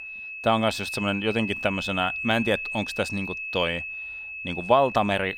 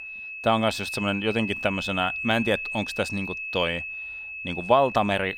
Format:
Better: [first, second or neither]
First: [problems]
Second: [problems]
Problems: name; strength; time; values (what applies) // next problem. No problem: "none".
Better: neither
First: high-pitched whine; loud; throughout; 2.5 kHz, 6 dB below the speech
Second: high-pitched whine; loud; throughout; 2.5 kHz, 6 dB below the speech